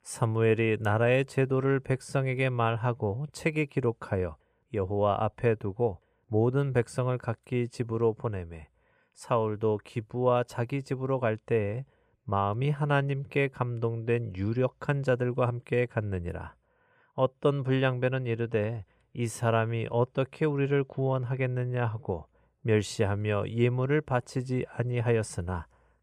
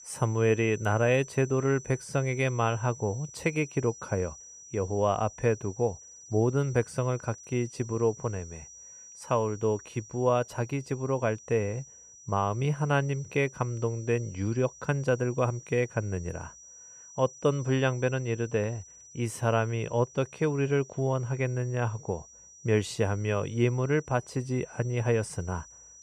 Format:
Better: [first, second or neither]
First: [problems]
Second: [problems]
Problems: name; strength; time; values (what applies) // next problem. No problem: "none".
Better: first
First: none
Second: high-pitched whine; noticeable; throughout; 6 kHz, 20 dB below the speech